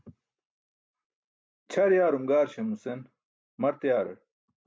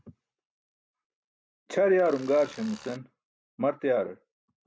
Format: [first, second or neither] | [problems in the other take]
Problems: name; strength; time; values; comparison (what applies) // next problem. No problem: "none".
first | background sound (Tools); 19 dB below the speech